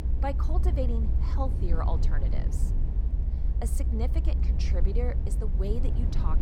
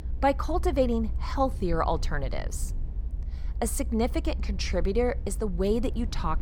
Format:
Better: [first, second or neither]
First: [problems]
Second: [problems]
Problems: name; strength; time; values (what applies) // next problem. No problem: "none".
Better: second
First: low rumble; loud; throughout; 7 dB below the speech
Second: low rumble; faint; throughout; 20 dB below the speech